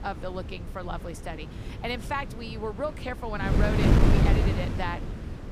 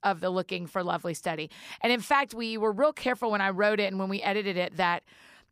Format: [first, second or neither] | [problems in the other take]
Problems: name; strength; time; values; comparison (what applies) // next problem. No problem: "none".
second | wind noise on the microphone; heavy; 2 dB above the speech